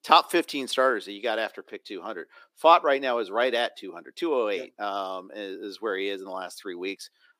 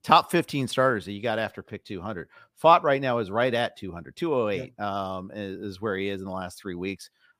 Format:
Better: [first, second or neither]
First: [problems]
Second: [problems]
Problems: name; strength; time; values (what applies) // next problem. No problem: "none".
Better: second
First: thin; somewhat; fading below 300 Hz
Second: none